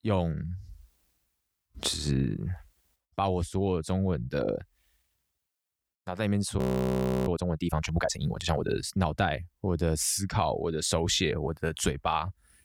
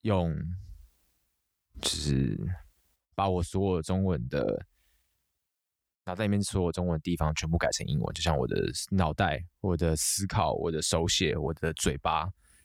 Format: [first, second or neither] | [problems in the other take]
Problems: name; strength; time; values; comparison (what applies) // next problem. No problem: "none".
second | audio freezing; at 6.5 s for 0.5 s